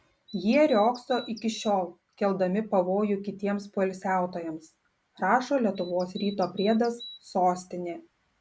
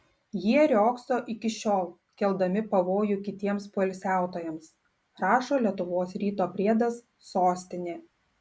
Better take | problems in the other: second | background sound (Bird vocalization, bird call, bird song); 18 dB below the speech

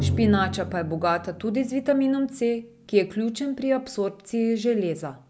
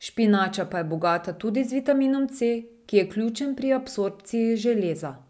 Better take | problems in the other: second | background sound (Drum); 10 dB below the speech

